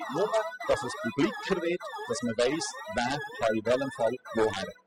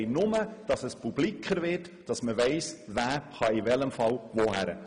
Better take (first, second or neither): second